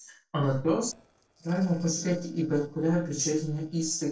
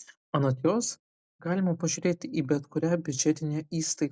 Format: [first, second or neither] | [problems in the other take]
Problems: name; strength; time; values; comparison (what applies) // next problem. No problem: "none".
second | noise reduction (neural separator model SepFormer DNS4)